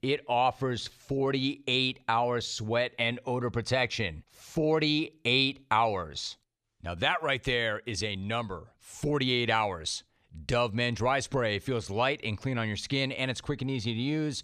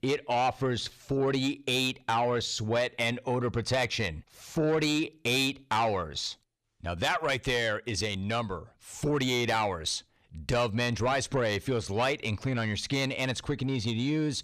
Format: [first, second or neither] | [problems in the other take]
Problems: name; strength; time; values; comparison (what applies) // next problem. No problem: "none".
first | distortion; slight; 10 dB below the speech